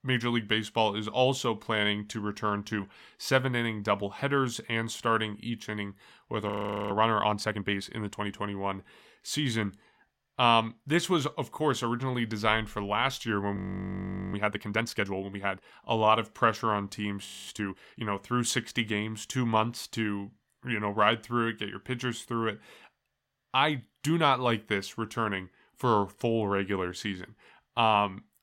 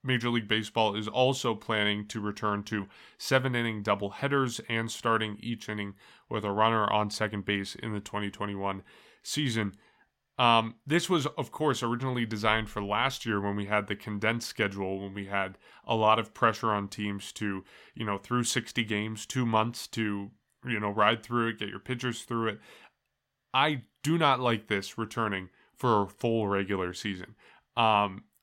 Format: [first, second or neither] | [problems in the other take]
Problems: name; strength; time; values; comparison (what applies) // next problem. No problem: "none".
second | audio freezing; at 6.5 s, at 14 s for 1 s and at 17 s